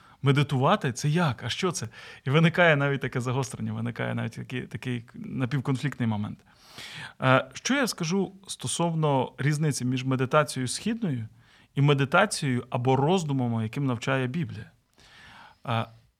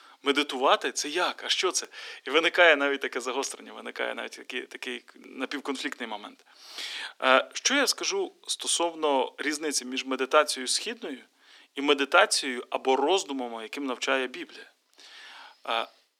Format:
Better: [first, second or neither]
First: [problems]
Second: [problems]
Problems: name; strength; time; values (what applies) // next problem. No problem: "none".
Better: first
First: none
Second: thin; somewhat; fading below 300 Hz